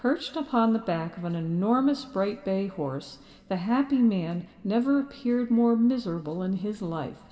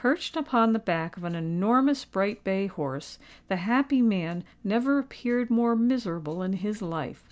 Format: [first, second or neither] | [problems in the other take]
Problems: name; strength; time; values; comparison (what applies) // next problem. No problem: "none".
second | room echo; dies away in 2.5 s